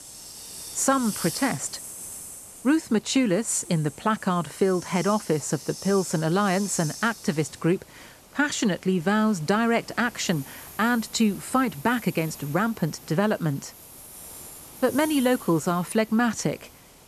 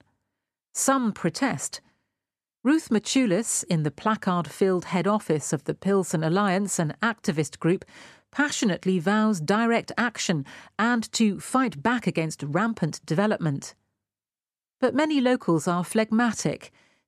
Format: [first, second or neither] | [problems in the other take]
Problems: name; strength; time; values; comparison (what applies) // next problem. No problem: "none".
second | hiss; noticeable; throughout; 15 dB below the speech